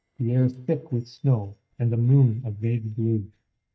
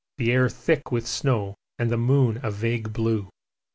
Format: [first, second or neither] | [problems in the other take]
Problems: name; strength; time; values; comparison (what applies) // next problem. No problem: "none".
second | noise reduction (neural mask model DeepFilterNet 3)